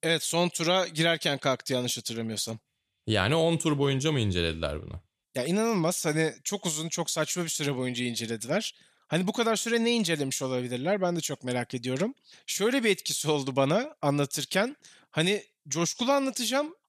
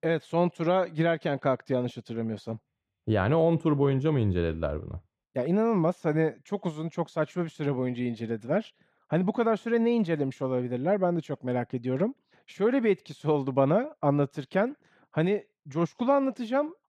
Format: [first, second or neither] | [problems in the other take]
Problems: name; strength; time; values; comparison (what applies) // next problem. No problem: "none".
first | muffled; very; fading above 3 kHz